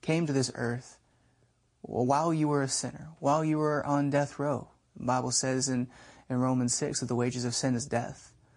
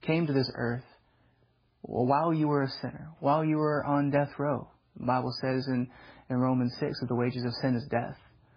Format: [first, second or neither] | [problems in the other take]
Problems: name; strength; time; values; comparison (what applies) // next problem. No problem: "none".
first | garbled, watery; badly; nothing above 5 kHz; slightly in the first